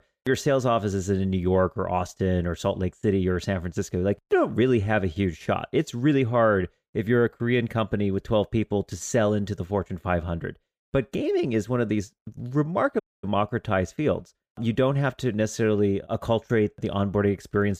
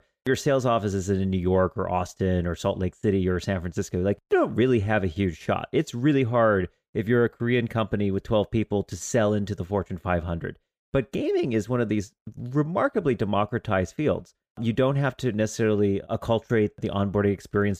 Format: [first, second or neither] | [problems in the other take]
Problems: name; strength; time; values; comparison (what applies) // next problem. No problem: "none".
second | audio cutting out; at 13 s